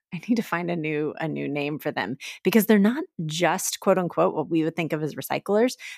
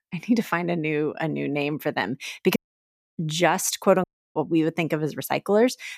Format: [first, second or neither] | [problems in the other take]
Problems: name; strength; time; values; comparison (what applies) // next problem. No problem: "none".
first | audio cutting out; at 2.5 s for 0.5 s and at 4 s